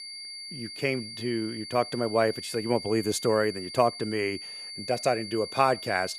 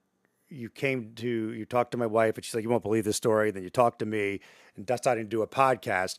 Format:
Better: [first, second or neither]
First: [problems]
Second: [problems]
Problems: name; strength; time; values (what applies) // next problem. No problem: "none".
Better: second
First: high-pitched whine; loud; throughout; 4.5 kHz, 10 dB below the speech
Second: none